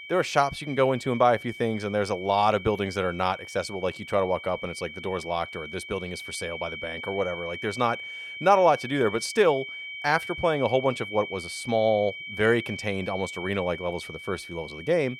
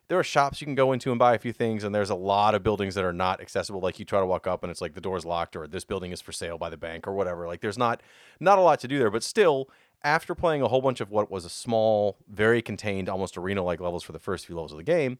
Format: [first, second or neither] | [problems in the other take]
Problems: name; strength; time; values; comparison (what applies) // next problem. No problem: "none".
second | high-pitched whine; noticeable; throughout; 2.5 kHz, 10 dB below the speech